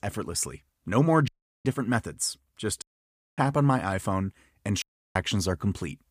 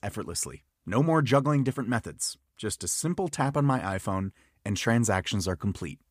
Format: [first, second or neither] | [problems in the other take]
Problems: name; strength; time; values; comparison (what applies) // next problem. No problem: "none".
second | audio cutting out; at 1.5 s, at 3 s for 0.5 s and at 5 s